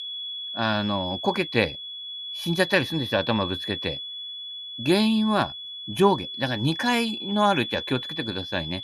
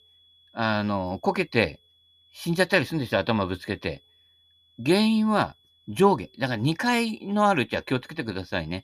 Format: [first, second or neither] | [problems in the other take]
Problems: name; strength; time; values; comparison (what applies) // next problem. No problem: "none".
second | high-pitched whine; loud; throughout; 3.5 kHz, 7 dB below the speech; faint in the second